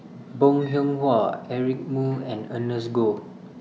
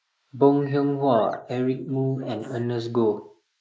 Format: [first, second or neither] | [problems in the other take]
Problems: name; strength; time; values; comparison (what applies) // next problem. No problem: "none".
first | noise reduction (neural mask model Resemble Enhance denoiser)